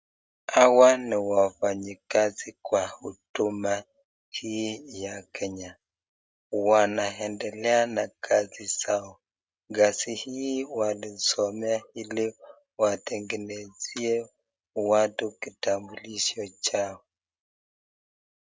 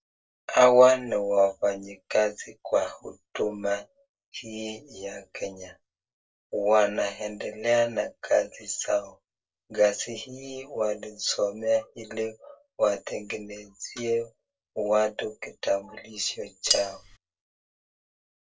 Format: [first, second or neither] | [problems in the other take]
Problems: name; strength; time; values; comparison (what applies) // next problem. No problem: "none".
first | noise reduction (neural separator model SepFormer DNS4)